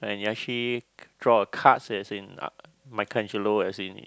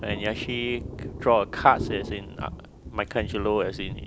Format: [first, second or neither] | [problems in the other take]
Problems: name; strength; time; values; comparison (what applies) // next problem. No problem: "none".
first | background sound (Thunder); 9 dB below the speech